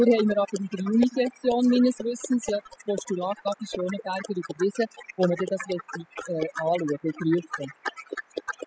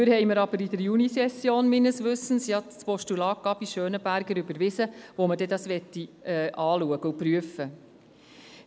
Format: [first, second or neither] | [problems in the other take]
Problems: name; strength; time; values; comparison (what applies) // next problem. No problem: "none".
second | noise reduction (classical method spectral subtraction)